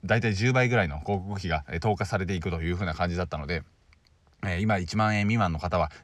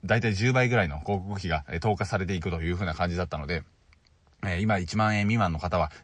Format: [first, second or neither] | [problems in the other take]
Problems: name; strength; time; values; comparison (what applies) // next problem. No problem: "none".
first | garbled, watery; slightly; nothing above 8 kHz